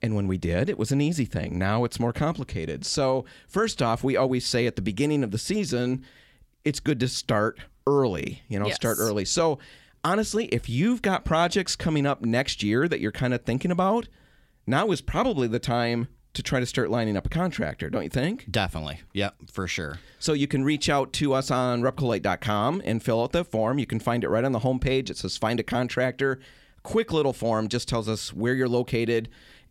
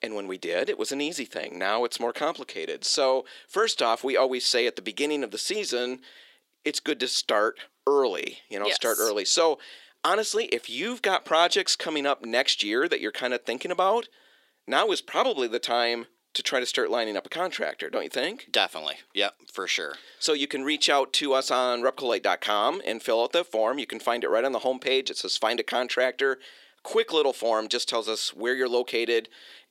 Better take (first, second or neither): first